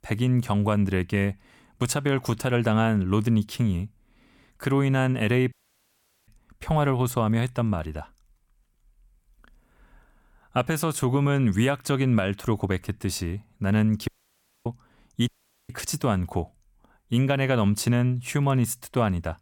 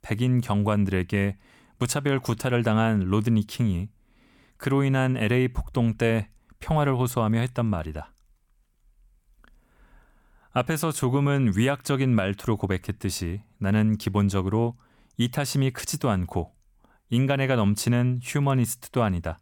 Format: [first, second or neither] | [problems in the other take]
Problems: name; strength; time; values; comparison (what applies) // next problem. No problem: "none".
second | audio cutting out; at 5.5 s for 1 s, at 14 s for 0.5 s and at 15 s